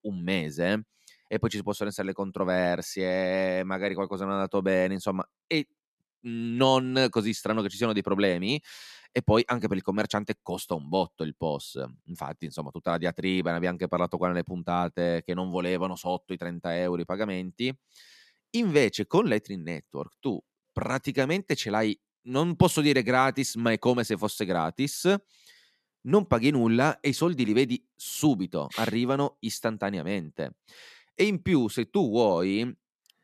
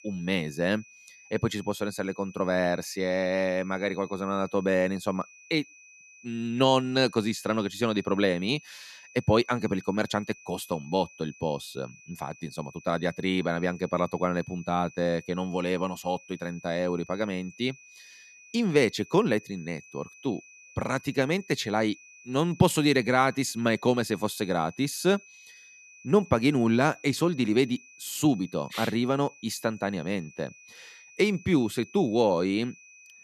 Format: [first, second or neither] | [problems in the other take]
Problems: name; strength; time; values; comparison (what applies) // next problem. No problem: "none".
first | high-pitched whine; faint; throughout; 2.5 kHz, 20 dB below the speech